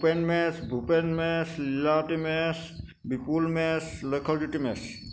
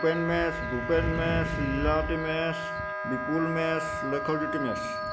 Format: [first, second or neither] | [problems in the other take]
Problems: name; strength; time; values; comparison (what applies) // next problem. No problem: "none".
first | background sound (Animal + Wind instrument, woodwind instrument); 2 dB below the speech